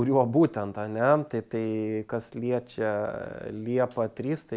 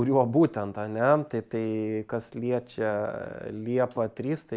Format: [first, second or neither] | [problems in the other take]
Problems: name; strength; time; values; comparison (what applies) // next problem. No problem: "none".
first | noise reduction (neural mask model Resemble Enhance denoiser)